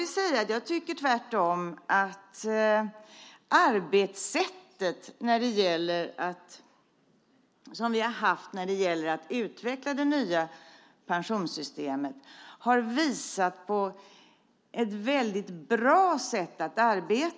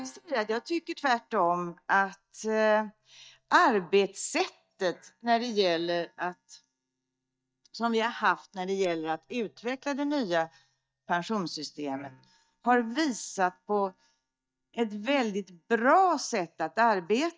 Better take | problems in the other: first | noise reduction (neural mask model DeepFilterNet 3)

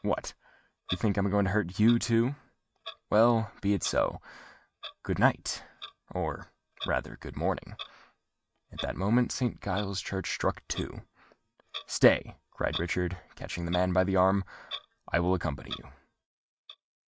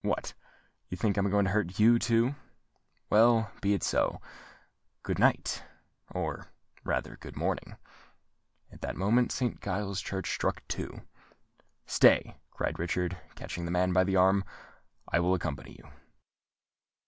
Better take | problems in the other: second | noise reduction (neural mask model RNNoise)

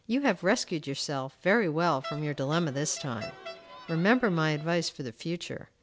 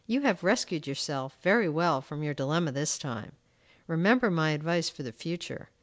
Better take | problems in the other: second | background sound (Crowd); 15 dB below the speech

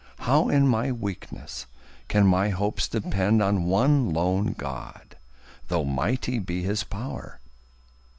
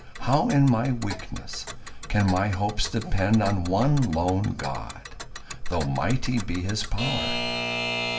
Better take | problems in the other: first | background sound (Alarm / Clock); 10 dB below the speech // room echo; dies away in 0.4 s

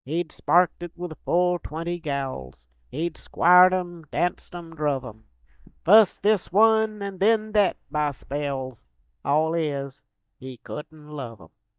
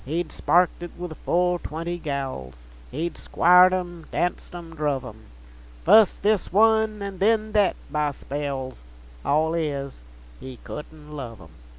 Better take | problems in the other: second | noise reduction (neural mask model DeepFilterNet 3)

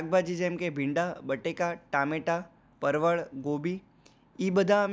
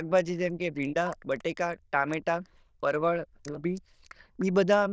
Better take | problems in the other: first | noise reduction (neural diffusion model UNIVERSE++)

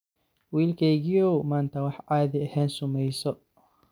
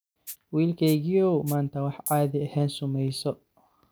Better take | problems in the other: first | background sound (Rattle (instrument)); 18 dB below the speech

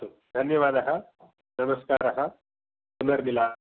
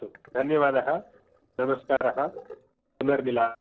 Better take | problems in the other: first | noise reduction (neural separator model SepFormer DNS4)

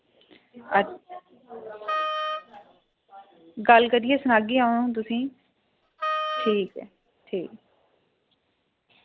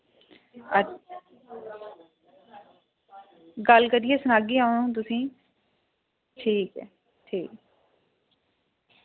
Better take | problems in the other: second | background sound (Wind instrument, woodwind instrument); 4 dB below the speech

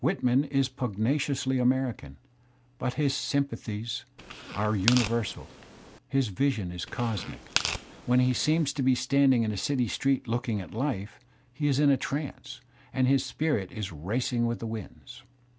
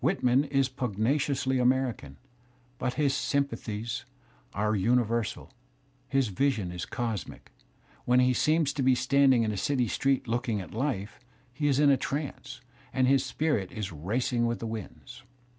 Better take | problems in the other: second | background sound (Tearing); 8 dB below the speech

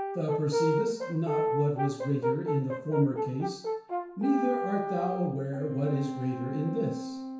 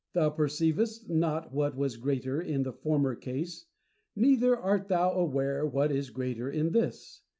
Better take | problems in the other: second | background sound (Brass instrument); 2 dB below the speech // room echo; dies away in 0.5 s

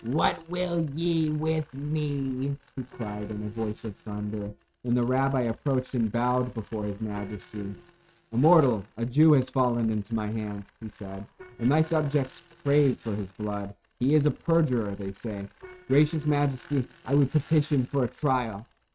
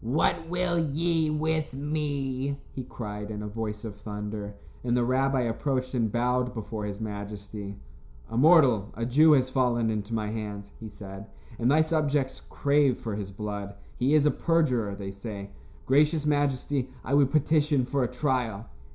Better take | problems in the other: second | noise reduction (neural mask model RNNoise)

